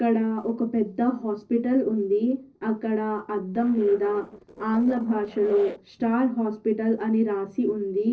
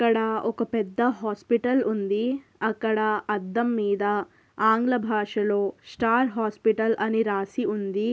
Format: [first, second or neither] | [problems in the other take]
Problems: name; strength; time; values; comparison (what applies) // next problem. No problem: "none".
second | noise reduction (neural separator model SepFormer DNS4)